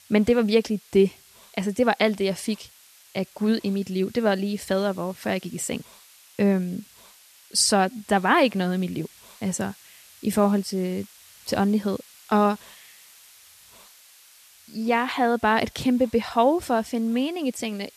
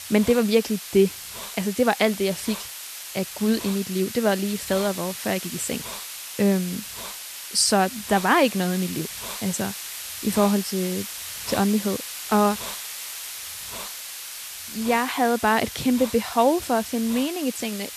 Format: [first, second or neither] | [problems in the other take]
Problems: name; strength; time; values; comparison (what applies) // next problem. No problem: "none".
first | hiss; loud; throughout; 9 dB below the speech; faint in the first